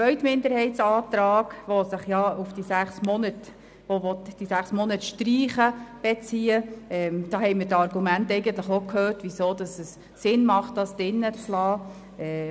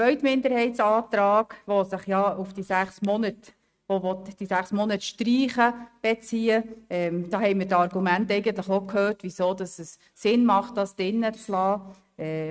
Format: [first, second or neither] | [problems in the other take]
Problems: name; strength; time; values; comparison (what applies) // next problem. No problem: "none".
first | noise reduction (neural mask model RNNoise)